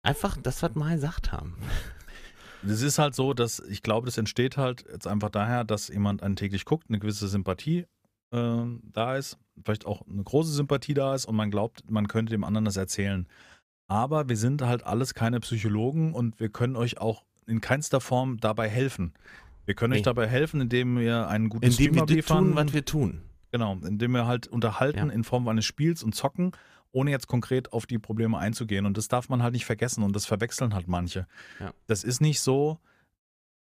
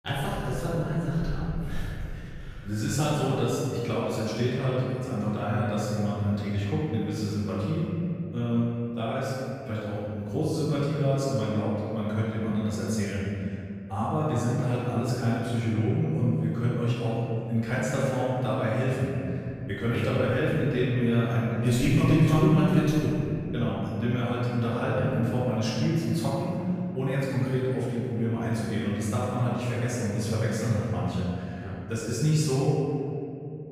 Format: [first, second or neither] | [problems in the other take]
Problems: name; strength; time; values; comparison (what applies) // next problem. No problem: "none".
first | room echo; strong; dies away in 2.7 s // off-mic speech; far